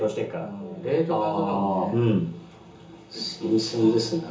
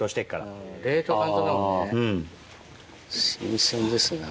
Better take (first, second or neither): second